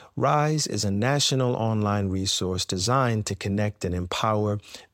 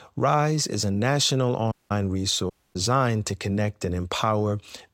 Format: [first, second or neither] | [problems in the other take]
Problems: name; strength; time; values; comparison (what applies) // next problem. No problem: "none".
first | audio cutting out; at 1.5 s and at 2.5 s